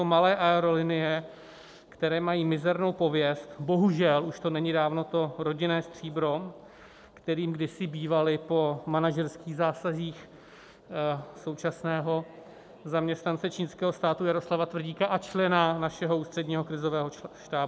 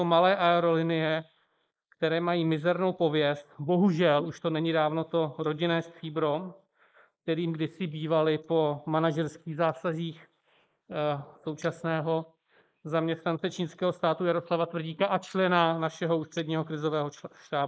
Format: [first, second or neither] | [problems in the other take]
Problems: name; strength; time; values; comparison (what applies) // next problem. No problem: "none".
first | noise reduction (neural mask model Resemble Enhance denoiser)